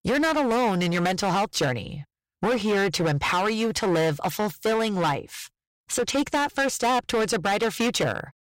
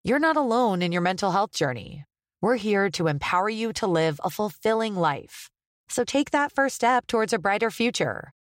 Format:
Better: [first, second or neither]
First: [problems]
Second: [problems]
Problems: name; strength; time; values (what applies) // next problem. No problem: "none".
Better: second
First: distortion; heavy; 21% of the sound clipped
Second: none